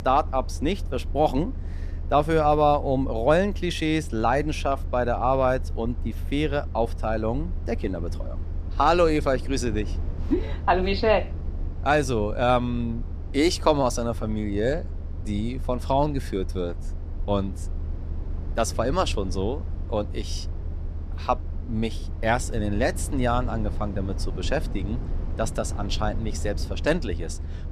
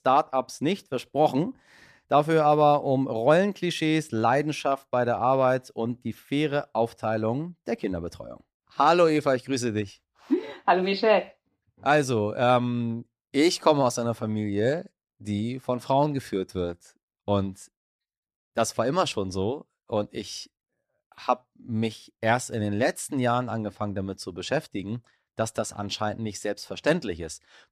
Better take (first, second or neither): second